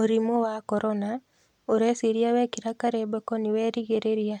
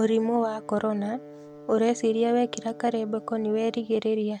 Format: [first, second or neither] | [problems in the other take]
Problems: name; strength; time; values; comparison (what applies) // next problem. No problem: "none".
first | background sound (Brass instrument); 19 dB below the speech